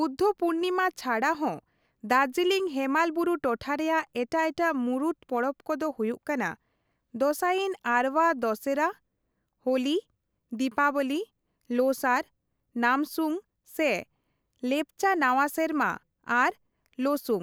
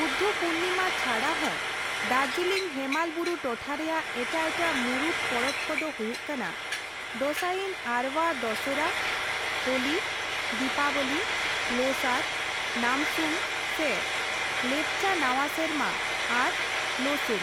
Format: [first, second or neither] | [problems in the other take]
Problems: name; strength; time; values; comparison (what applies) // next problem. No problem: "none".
first | background sound (Frying (food)); 1 dB above the speech